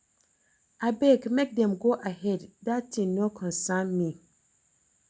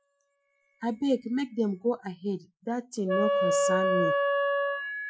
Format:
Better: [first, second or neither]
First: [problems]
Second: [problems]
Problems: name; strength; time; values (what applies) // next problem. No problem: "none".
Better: first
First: none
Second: noise reduction (classical method Wiener filter)